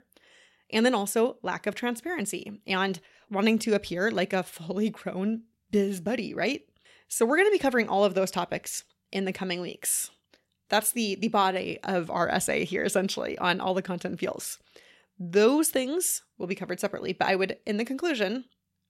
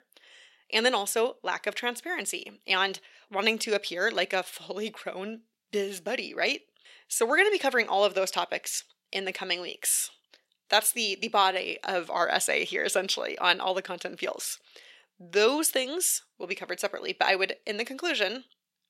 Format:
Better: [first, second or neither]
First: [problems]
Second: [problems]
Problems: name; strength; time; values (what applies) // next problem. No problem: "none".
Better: first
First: none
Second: thin; somewhat; fading below 450 Hz